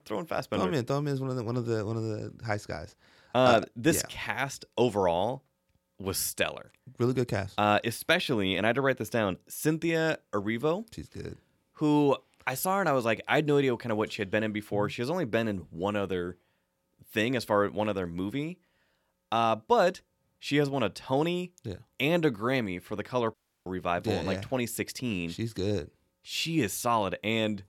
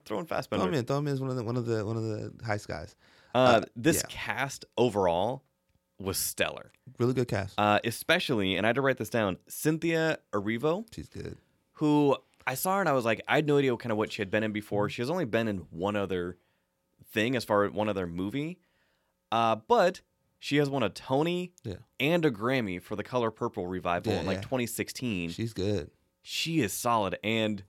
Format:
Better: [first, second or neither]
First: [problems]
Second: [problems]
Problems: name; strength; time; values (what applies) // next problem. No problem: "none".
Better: second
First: audio cutting out; at 23 s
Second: none